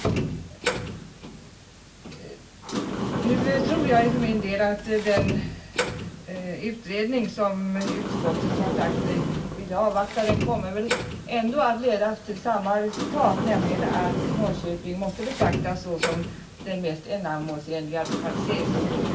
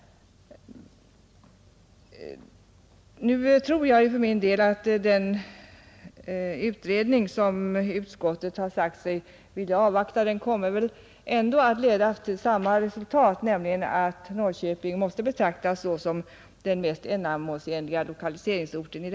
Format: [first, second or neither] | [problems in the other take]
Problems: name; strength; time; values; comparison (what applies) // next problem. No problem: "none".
second | background sound (Sliding door); 2 dB below the speech // room echo; dies away in 0.2 s